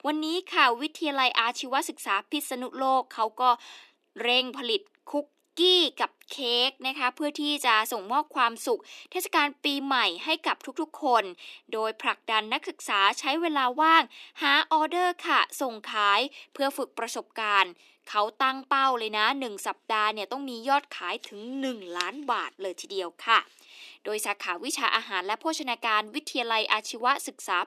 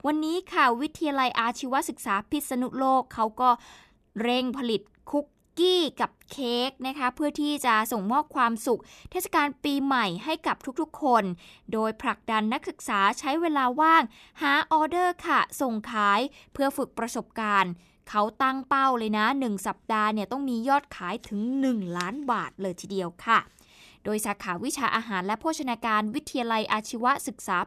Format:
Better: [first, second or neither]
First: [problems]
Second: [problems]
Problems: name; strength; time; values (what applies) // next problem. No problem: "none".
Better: second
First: thin; very slightly; fading below 300 Hz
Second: none